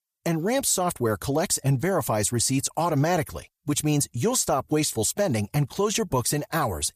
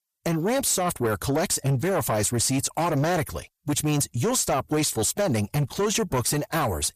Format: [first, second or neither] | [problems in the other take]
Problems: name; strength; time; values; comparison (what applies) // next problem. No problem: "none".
first | distortion; slight; 10 dB below the speech